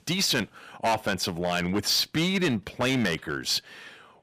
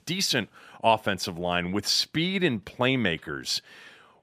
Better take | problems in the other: second | distortion; heavy; 9% of the sound clipped

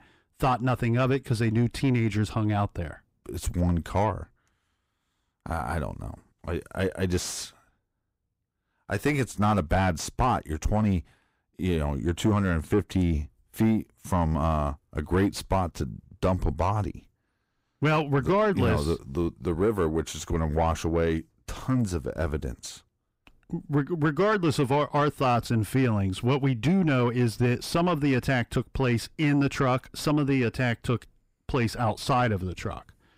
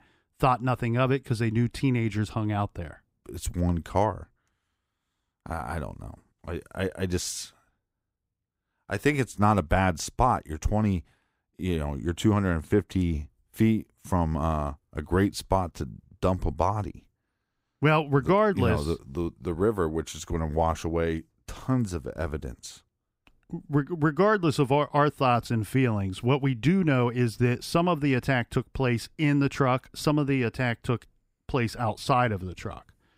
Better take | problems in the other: second | distortion; slight; 10 dB below the speech

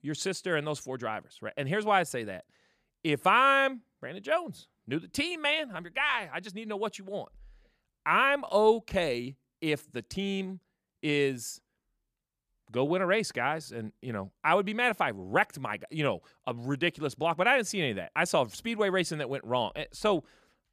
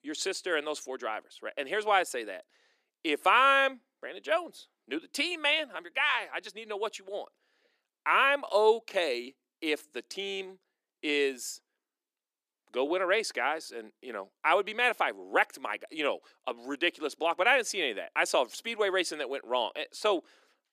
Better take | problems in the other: first | thin; somewhat; fading below 300 Hz

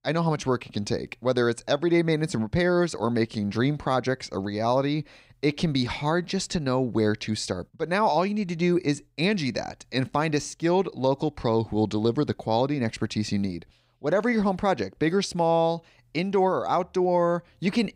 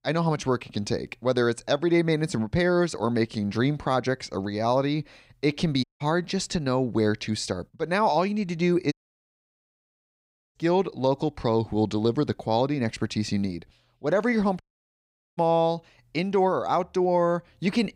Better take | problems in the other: first | audio cutting out; at 6 s, at 9 s for 1.5 s and at 15 s for 1 s

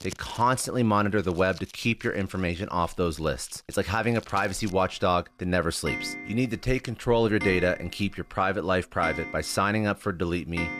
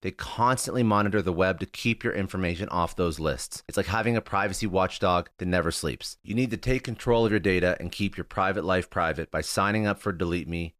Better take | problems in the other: second | household noises; noticeable; throughout; 10 dB below the speech

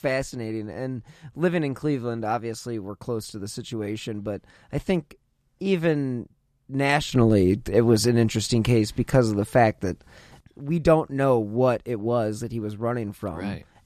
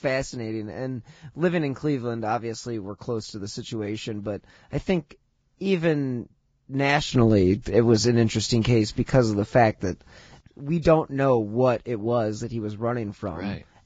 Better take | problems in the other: first | garbled, watery; badly; nothing above 7.5 kHz

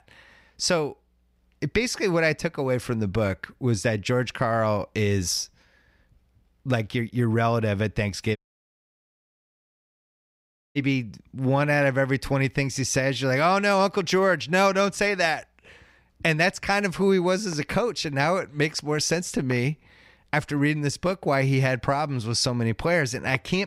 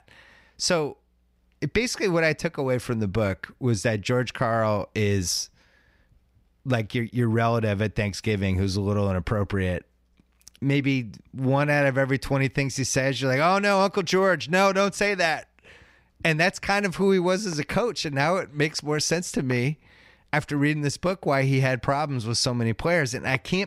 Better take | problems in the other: second | audio cutting out; at 8.5 s for 2.5 s

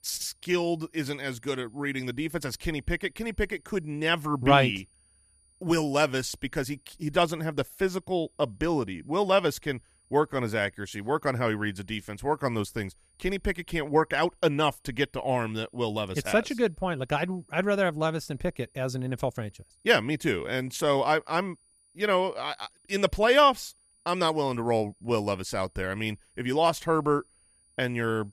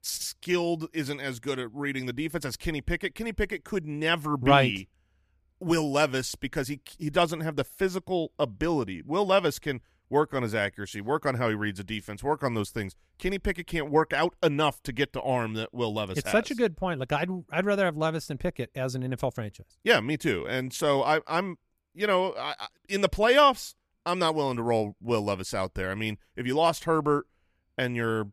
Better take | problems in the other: second | high-pitched whine; faint; throughout; 9.5 kHz, 35 dB below the speech

